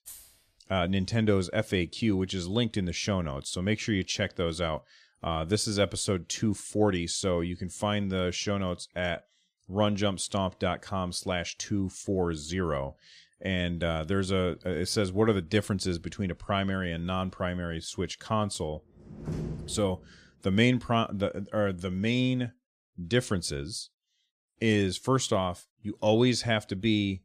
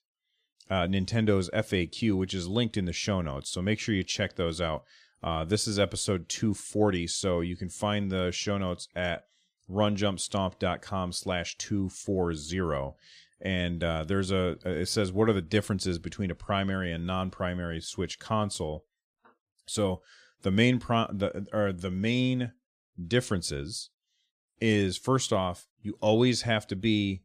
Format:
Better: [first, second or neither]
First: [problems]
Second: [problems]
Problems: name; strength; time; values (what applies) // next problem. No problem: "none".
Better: second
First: jangling keys; faint; at the start; peak 15 dB below the speech // door banging; noticeable; at 19 s; peak 6 dB below the speech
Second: none